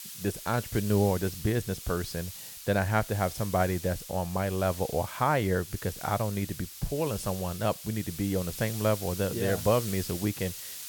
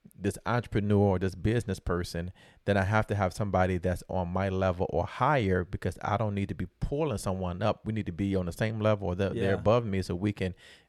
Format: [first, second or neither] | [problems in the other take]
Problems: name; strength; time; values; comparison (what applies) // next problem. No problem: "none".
second | hiss; loud; throughout; 10 dB below the speech